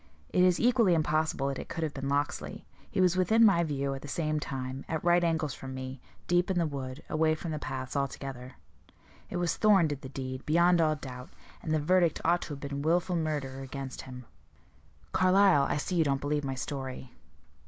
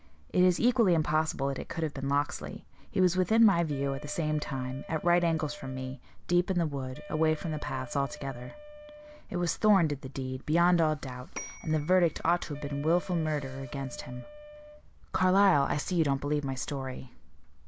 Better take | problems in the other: first | background sound (Bell / Telephone + Wind instrument, woodwind instrument); 18 dB below the speech

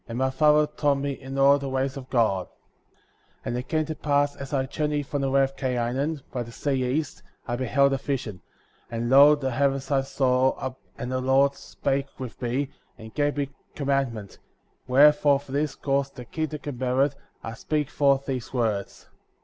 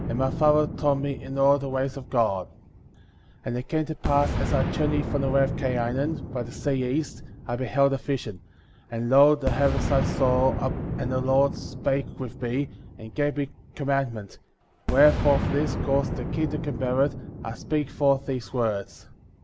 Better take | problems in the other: first | background sound (Boom); 6 dB below the speech

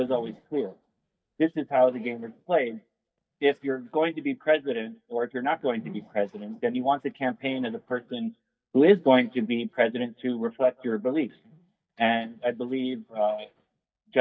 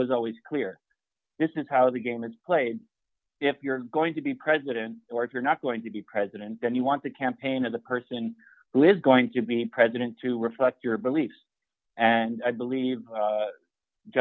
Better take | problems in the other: second | noise reduction (neural mask model DeepFilterNet 3)

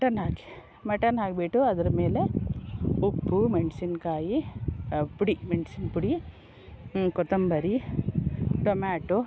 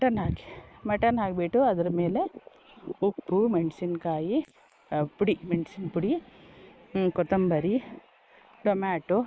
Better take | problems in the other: first | noise reduction (neural mask model Resemble Enhance denoiser)

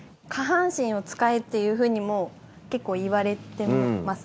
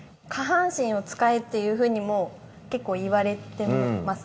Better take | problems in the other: first | room echo; dies away in 1 s

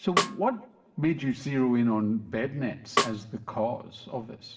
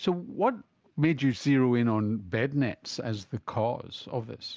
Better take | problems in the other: second | background sound (Snare drum); 3 dB below the speech // room echo; dies away in 1.5 s

